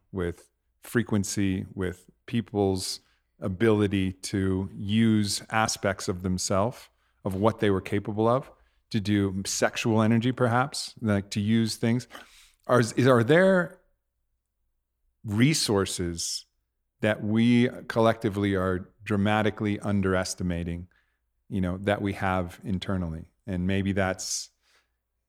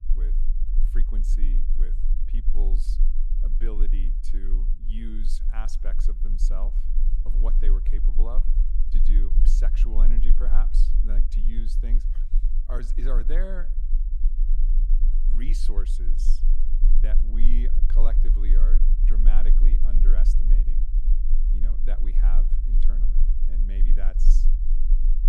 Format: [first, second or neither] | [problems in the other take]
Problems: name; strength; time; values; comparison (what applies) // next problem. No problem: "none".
first | low rumble; loud; throughout; 7 dB below the speech